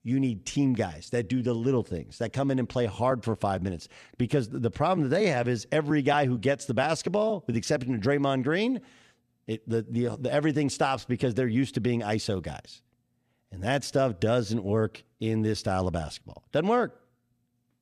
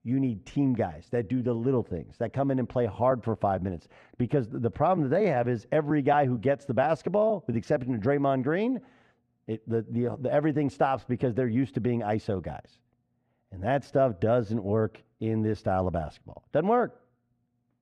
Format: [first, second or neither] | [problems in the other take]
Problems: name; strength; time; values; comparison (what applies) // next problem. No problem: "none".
first | muffled; very; fading above 3 kHz